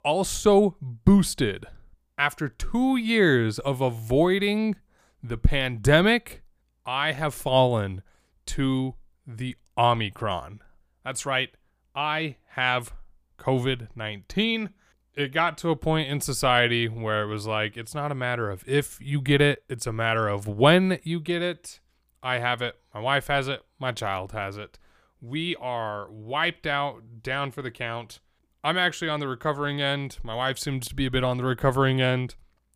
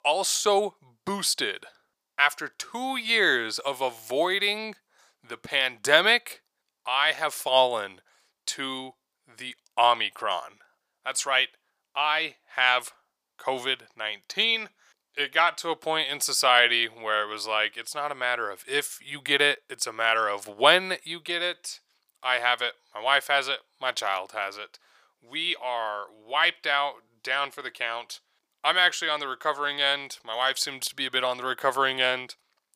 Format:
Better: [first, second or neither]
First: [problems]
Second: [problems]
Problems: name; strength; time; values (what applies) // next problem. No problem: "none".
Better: first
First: none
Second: thin; very; fading below 650 Hz